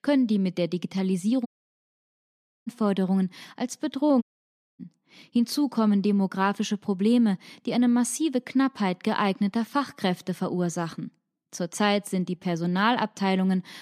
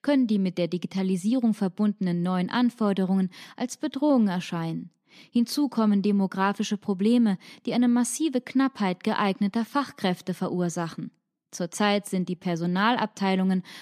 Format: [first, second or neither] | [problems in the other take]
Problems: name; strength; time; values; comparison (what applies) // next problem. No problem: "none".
second | audio cutting out; at 1.5 s for 1 s and at 4 s for 0.5 s